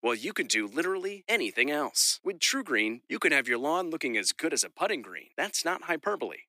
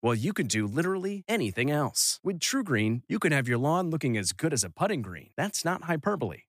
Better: second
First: thin; somewhat; fading below 300 Hz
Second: none

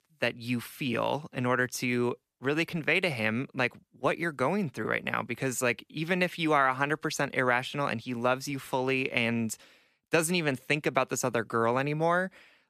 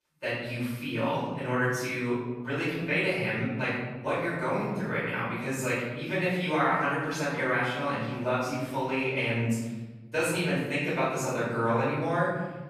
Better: first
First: none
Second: off-mic speech; far // room echo; strong; dies away in 1.5 s

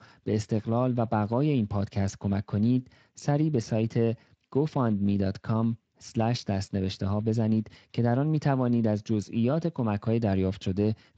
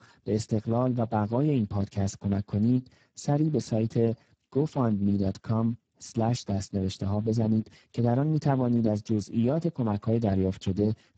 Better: first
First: garbled, watery; slightly; nothing above 7.5 kHz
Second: garbled, watery; badly; nothing above 7.5 kHz

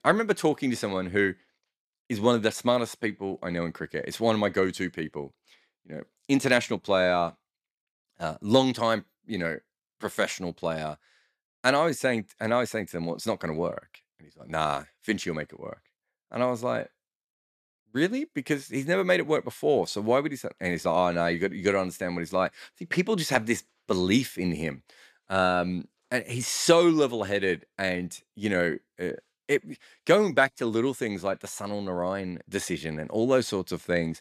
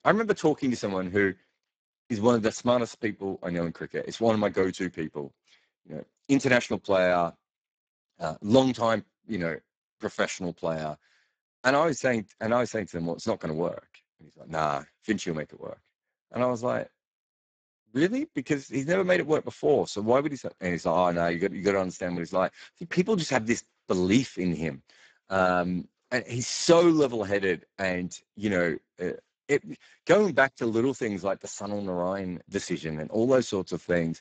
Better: first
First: none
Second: garbled, watery; badly; nothing above 7.5 kHz

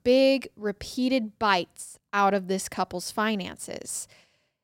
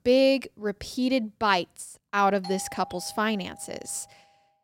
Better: first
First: none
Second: doorbell; faint; from 2.5 to 4 s; peak 15 dB below the speech

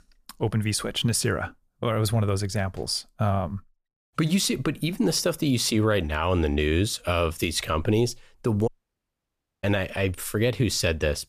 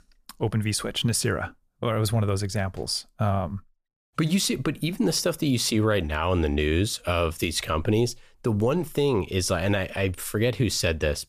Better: second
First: audio cutting out; at 8.5 s for 1 s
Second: none

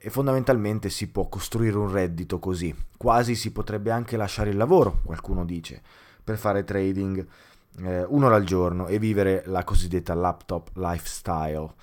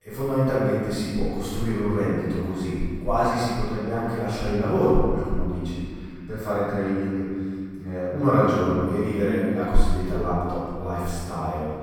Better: first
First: none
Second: off-mic speech; far // room echo; strong; dies away in 2.1 s

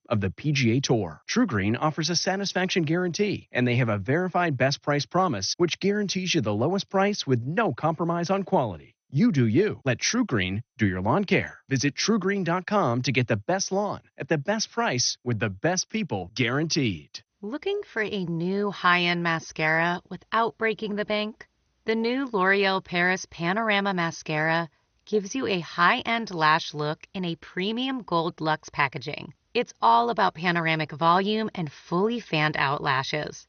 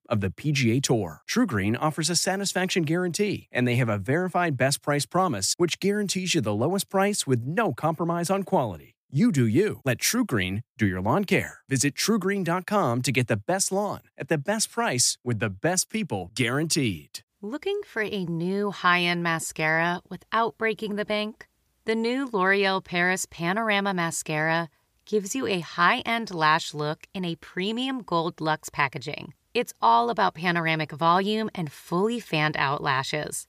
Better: second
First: garbled, watery; slightly; nothing above 6.5 kHz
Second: none

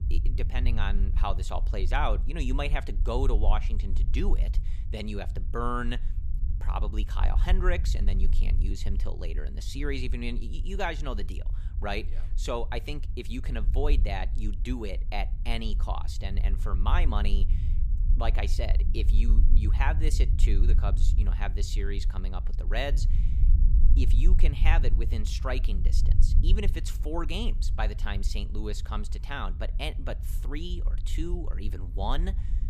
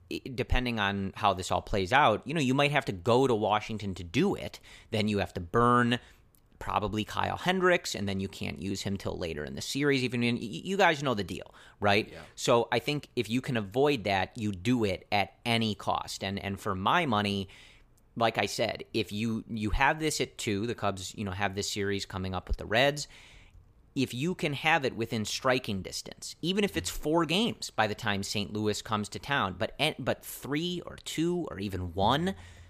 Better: second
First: low rumble; noticeable; throughout; 15 dB below the speech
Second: none

